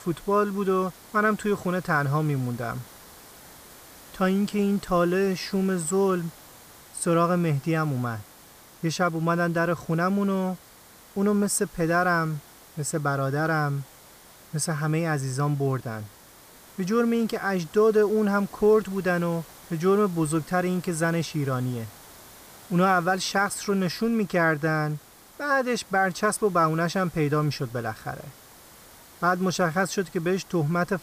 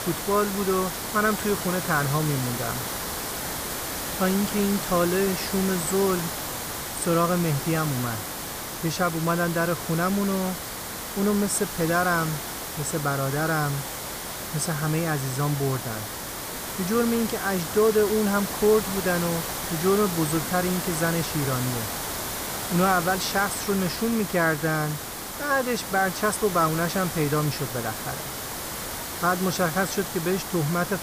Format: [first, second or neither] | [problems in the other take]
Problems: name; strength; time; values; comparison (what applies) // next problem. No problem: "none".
first | hiss; loud; throughout; 5 dB below the speech; faint in the first